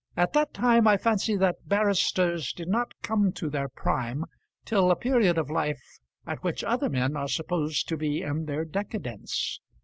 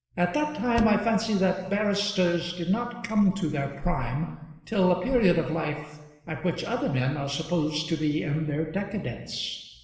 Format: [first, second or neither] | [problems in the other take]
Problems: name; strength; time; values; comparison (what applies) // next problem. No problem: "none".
first | background sound (Slam); 15 dB below the speech // room echo; dies away in 1.1 s